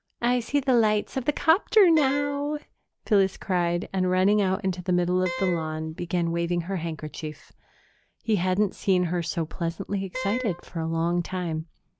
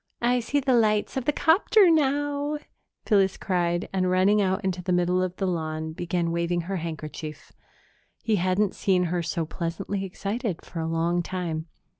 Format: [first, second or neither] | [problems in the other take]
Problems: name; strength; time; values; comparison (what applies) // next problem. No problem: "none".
second | background sound (Wind instrument, woodwind instrument); 10 dB below the speech